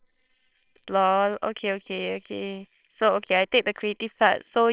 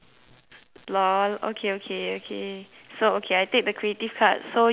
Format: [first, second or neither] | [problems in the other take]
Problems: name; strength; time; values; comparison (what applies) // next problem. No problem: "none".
second | noise reduction (neural separator model SepFormer WHAMR!)